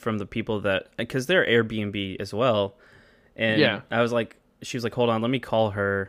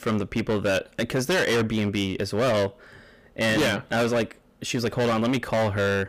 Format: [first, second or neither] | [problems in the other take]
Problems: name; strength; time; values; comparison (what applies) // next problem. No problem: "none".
first | distortion; heavy; 19% of the sound clipped